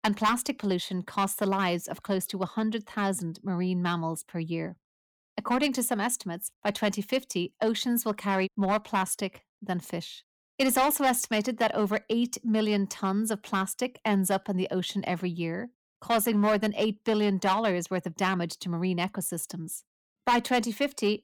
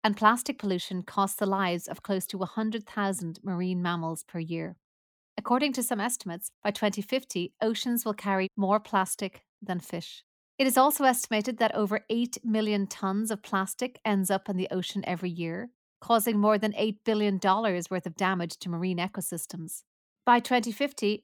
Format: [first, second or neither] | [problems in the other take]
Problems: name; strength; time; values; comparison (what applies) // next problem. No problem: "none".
second | distortion; slight; 3% of the sound clipped